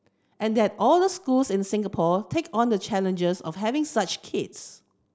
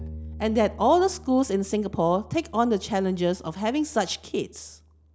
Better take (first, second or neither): first